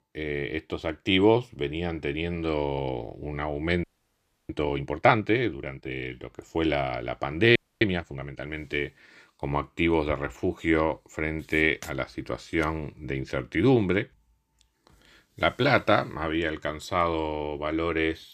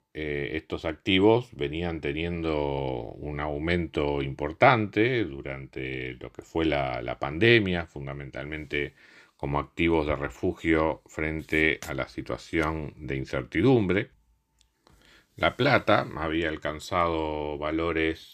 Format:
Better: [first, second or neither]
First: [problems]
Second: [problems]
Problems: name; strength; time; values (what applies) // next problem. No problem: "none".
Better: second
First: audio freezing; at 4 s for 0.5 s and at 7.5 s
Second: none